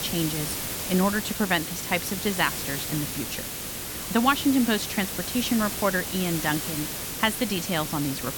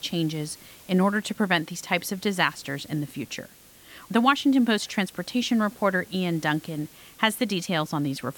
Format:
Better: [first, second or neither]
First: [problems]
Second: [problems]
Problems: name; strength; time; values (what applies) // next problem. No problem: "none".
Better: second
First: hiss; loud; throughout; 4 dB below the speech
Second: hiss; faint; throughout; 25 dB below the speech